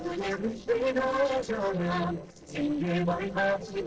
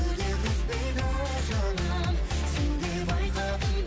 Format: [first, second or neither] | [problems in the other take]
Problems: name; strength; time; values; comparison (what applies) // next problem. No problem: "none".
second | noise reduction (neural separator model SepFormer DNS4)